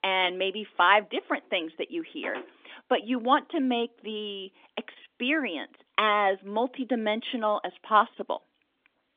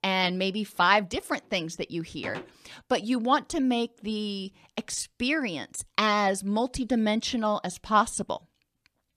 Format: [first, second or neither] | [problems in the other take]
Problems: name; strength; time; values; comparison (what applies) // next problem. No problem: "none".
second | phone-call audio; nothing above 3.5 kHz